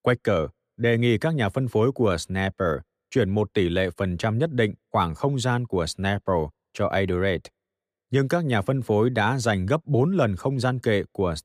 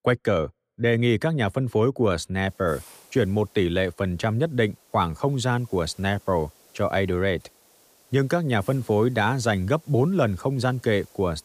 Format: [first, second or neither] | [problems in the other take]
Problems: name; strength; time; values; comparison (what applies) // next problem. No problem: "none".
first | hiss; faint; from 2.5 s on; 30 dB below the speech